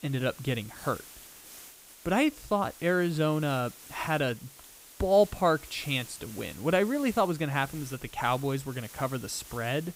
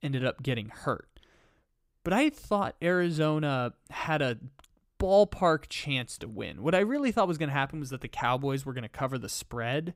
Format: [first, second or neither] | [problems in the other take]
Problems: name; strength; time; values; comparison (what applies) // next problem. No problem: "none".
second | hiss; noticeable; throughout; 15 dB below the speech